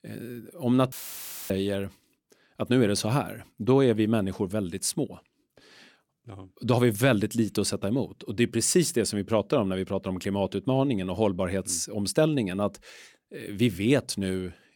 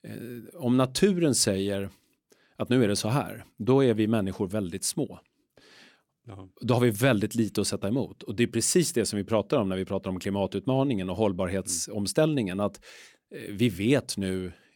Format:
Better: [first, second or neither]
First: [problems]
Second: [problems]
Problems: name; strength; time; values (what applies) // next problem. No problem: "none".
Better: second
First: audio cutting out; filled with static; at 1 s for 0.5 s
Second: none